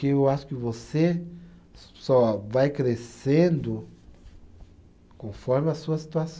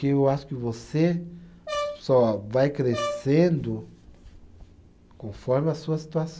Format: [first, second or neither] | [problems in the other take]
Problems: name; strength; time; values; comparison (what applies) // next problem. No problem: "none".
first | background sound (Brass instrument); 9 dB below the speech